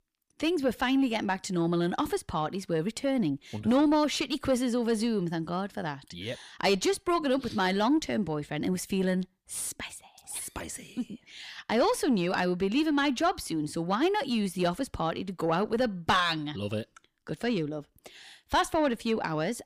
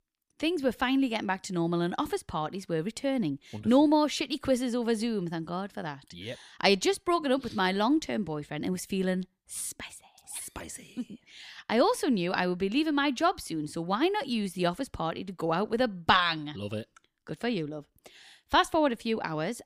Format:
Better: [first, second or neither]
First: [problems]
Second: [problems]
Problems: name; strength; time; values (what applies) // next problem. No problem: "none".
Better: second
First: distortion; slight; 10 dB below the speech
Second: none